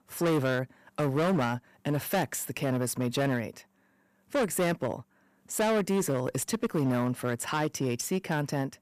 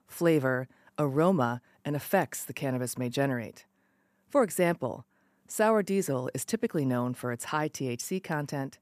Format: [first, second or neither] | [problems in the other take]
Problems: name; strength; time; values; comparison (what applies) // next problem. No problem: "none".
second | distortion; heavy; 13% of the sound clipped